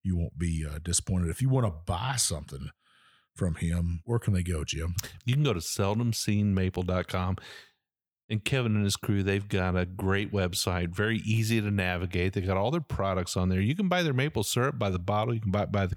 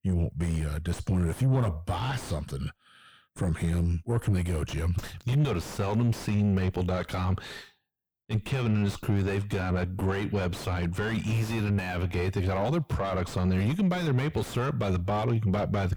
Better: first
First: none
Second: distortion; heavy; 5 dB below the speech

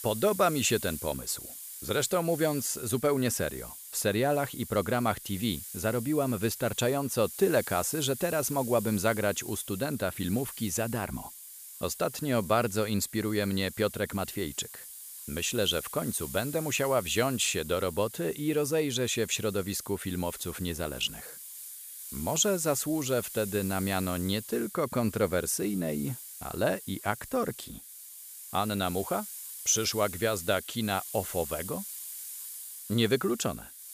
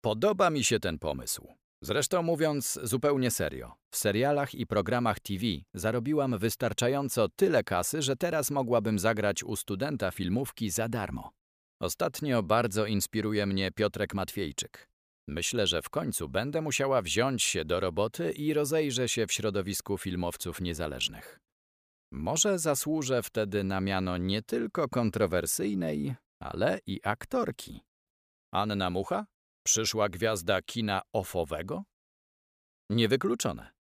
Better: second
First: hiss; noticeable; throughout; 10 dB below the speech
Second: none

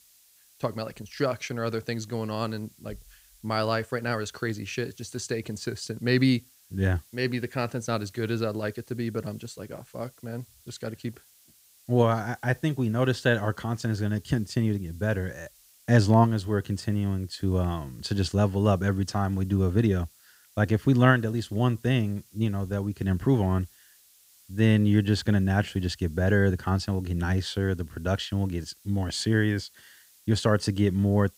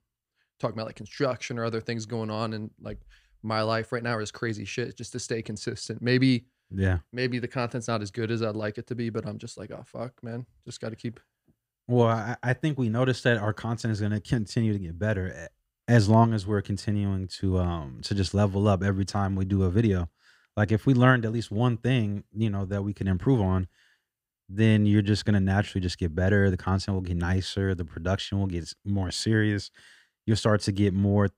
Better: second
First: hiss; faint; throughout; 30 dB below the speech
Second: none

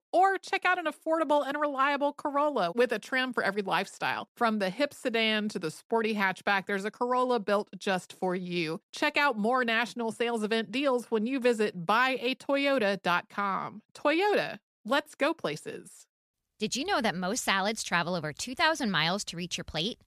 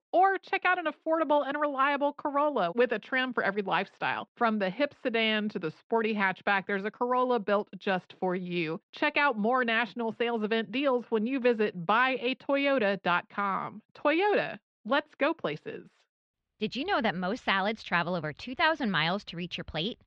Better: first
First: none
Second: muffled; slightly; fading above 3.5 kHz

